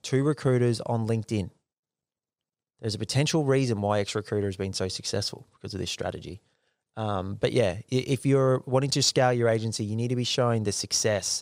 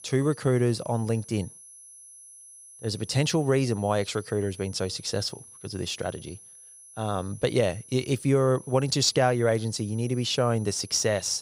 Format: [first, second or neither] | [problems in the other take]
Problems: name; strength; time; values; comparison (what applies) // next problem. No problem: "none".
first | high-pitched whine; noticeable; throughout; 10.5 kHz, 20 dB below the speech